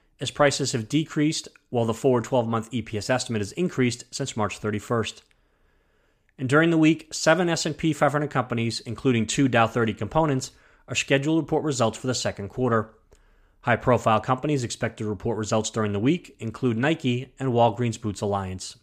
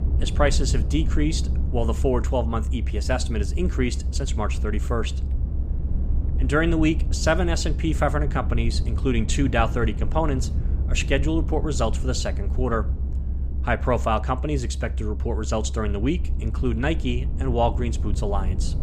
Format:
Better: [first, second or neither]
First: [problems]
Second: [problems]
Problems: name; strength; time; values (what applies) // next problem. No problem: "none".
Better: first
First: none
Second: low rumble; noticeable; throughout; 15 dB below the speech